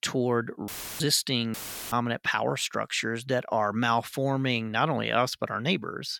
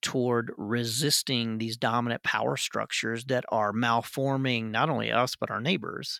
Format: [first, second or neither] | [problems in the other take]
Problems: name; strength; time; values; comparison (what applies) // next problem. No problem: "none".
second | audio cutting out; filled with static; at 0.5 s and at 1.5 s